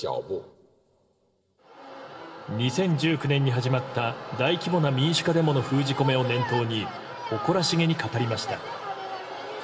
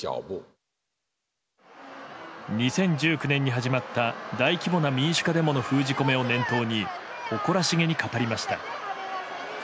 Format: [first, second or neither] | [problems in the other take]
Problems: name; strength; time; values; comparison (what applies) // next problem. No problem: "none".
second | room echo; dies away in 2.4 s